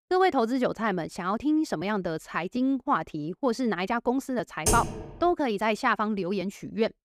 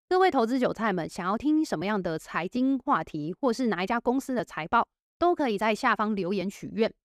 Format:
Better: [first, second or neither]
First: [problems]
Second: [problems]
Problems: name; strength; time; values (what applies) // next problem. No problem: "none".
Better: second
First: keyboard typing; loud; at 4.5 s; peak 1 dB above the speech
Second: none